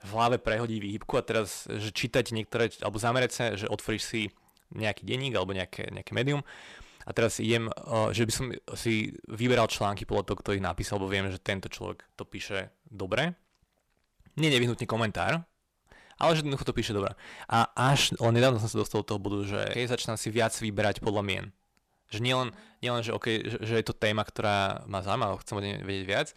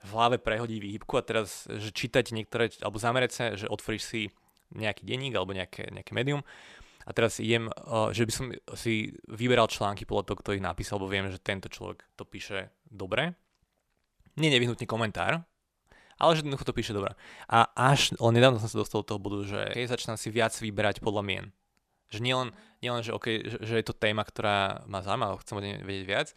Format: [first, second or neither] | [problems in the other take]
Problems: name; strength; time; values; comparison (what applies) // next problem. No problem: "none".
second | distortion; slight; 10 dB below the speech